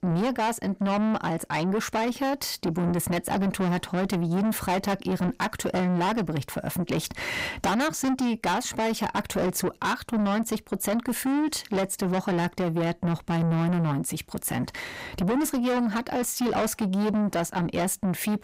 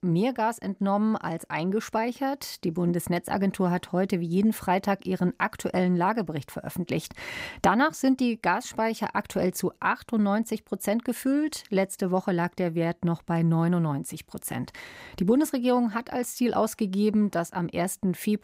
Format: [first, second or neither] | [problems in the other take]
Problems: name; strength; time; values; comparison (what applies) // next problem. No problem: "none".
second | distortion; heavy; 7 dB below the speech